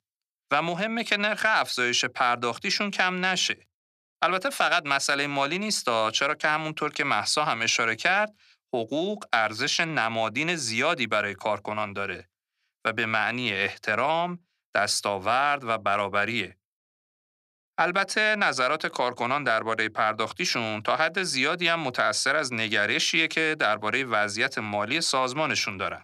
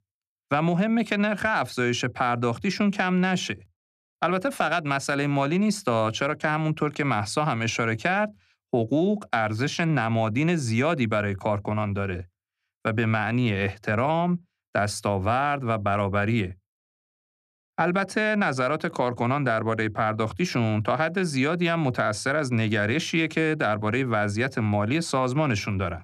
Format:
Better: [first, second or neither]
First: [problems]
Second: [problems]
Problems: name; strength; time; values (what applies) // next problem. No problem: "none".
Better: second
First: thin; somewhat; fading below 950 Hz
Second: none